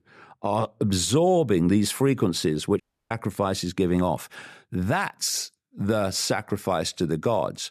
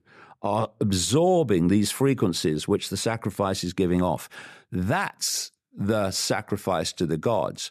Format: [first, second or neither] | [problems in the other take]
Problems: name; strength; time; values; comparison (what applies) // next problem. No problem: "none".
second | audio cutting out; at 3 s